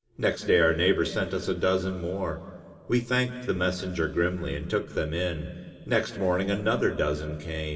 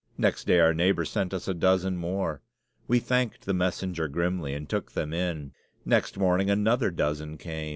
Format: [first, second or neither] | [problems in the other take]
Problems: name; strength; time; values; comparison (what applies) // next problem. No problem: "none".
second | room echo; dies away in 2.2 s